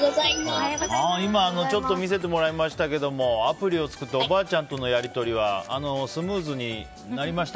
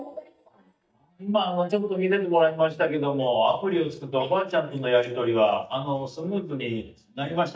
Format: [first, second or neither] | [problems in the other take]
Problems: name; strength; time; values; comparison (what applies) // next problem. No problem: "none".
first | noise reduction (neural mask model DeepFilterNet 3)